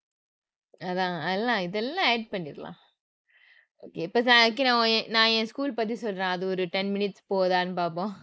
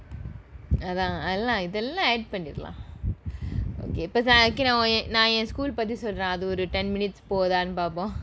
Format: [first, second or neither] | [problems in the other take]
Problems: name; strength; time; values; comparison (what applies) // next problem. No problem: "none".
second | noise reduction (neural mask model Resemble Enhance denoiser)